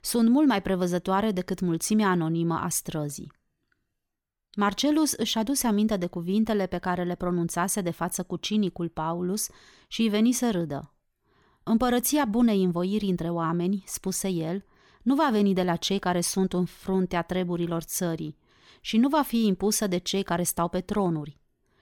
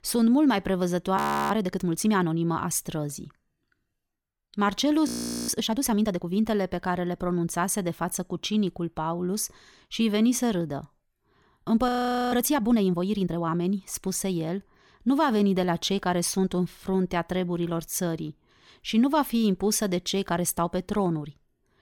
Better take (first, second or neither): first